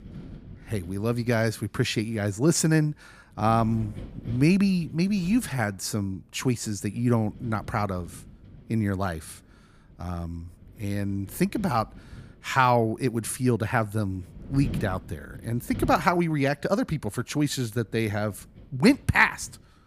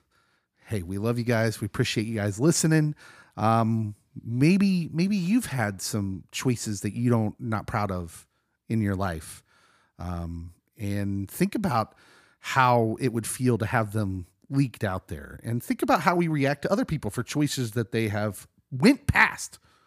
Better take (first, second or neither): second